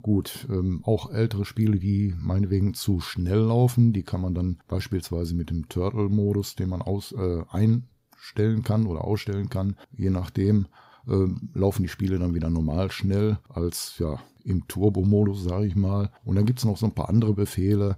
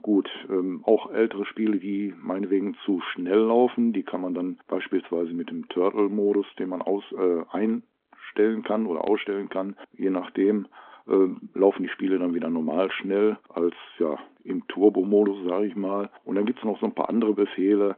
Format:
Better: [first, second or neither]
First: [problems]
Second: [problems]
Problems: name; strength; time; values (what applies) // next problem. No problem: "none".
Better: first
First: none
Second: phone-call audio